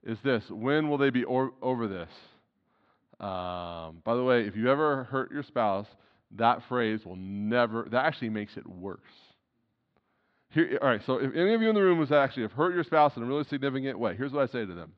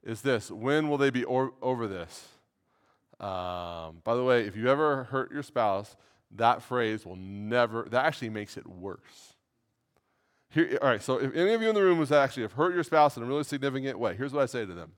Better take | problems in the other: second | muffled; very slightly; fading above 4 kHz

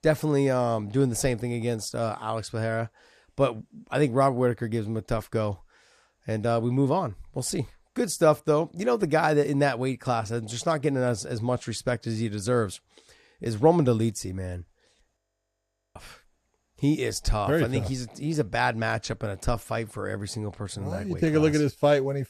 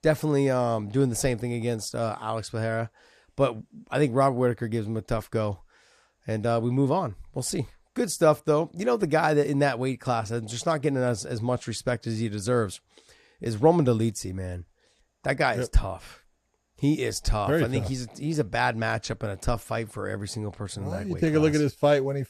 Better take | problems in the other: second | audio freezing; at 15 s for 1 s

